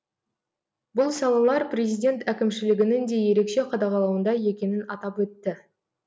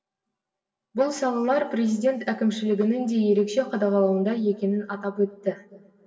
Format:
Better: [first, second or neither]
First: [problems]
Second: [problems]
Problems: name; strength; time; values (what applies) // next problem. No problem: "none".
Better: first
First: none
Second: room echo; dies away in 2.7 s